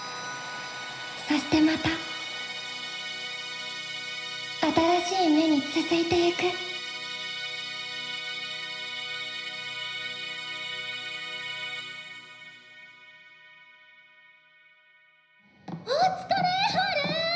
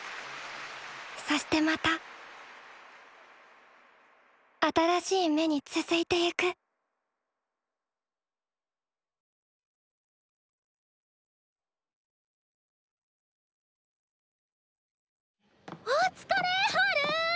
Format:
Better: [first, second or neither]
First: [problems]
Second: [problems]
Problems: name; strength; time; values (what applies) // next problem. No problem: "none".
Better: second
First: background sound (Musical instrument); 7 dB below the speech // room echo; dies away in 0.9 s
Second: none